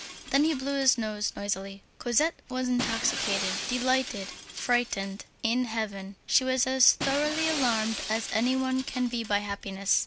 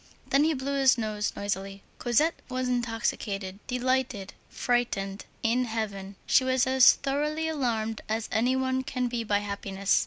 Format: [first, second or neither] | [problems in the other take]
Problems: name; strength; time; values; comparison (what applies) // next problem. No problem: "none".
second | background sound (Shatter); 9 dB below the speech